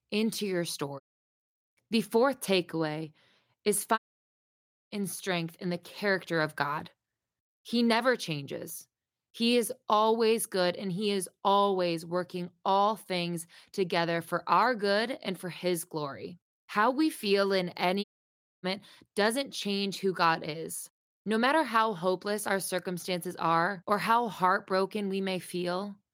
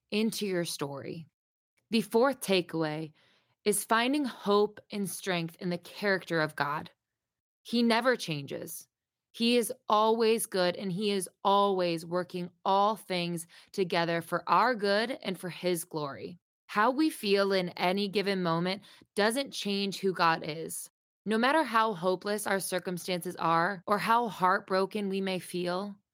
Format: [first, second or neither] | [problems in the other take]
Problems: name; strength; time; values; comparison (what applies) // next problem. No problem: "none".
second | audio cutting out; at 1 s, at 4 s for 1 s and at 18 s for 0.5 s